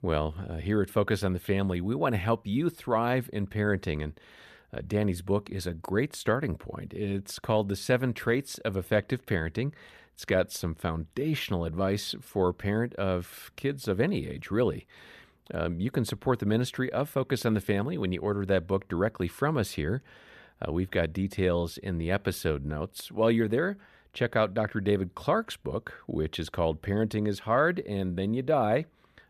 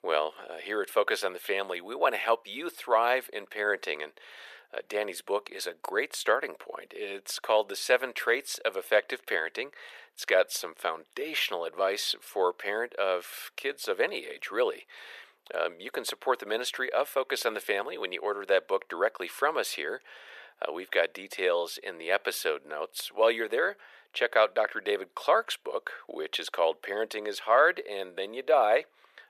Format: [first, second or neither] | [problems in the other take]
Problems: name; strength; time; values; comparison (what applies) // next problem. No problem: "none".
first | thin; very; fading below 450 Hz